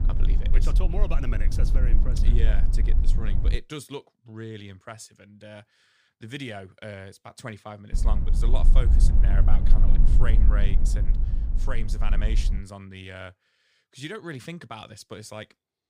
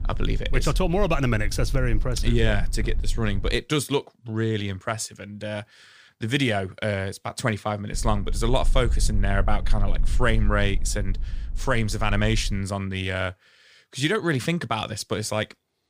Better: second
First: low rumble; loud; until 3.5 s and from 8 to 13 s; 5 dB below the speech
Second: low rumble; faint; until 3.5 s and from 8 to 13 s; 25 dB below the speech

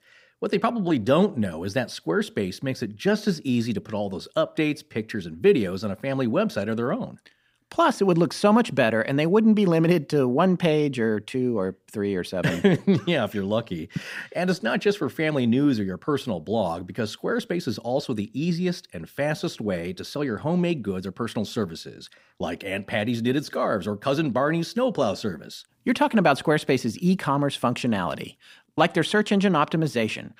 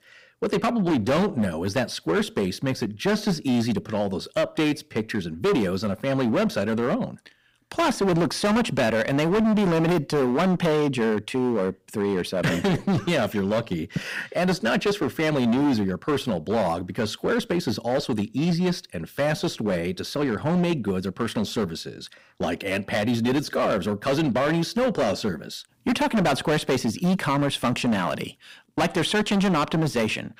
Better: first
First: none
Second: distortion; heavy; 16% of the sound clipped

